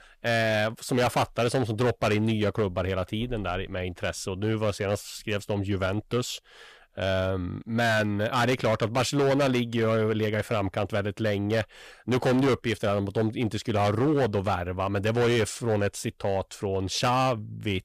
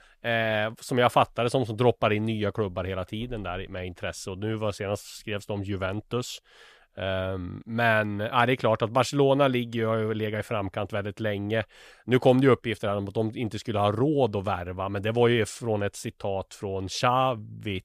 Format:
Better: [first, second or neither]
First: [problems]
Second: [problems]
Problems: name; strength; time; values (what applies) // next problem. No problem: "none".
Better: second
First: distortion; heavy; 11% of the sound clipped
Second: none